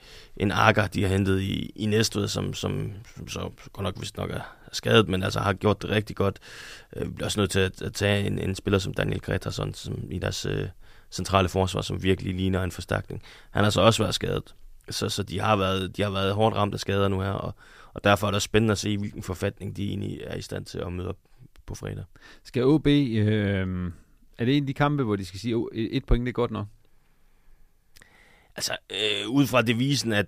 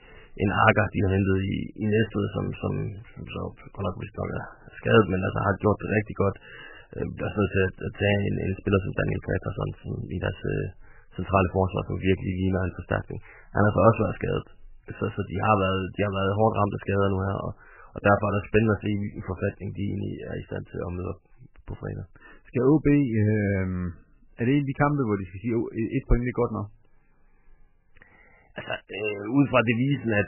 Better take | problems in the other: first | garbled, watery; badly; nothing above 3 kHz

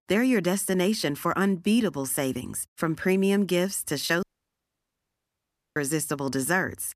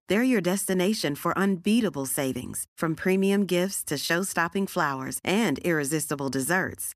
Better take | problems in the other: second | audio cutting out; at 4 s for 1.5 s

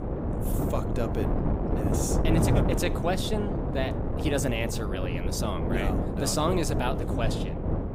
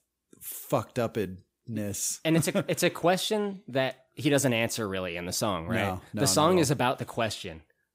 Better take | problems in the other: second | wind noise on the microphone; heavy; 2 dB below the speech

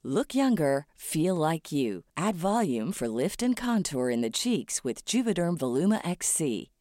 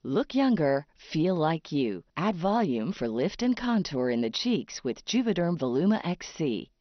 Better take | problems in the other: first | garbled, watery; slightly; nothing above 6 kHz

